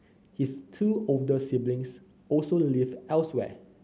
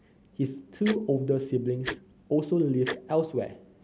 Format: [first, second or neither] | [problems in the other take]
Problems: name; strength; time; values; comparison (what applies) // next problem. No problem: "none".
first | background sound (Tick-tock); 14 dB below the speech